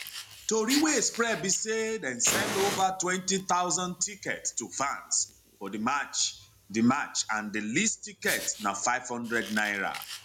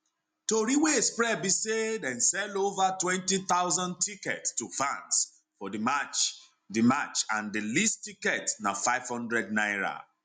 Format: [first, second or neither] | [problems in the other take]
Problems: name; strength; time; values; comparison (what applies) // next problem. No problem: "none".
second | background sound (Fire); 11 dB below the speech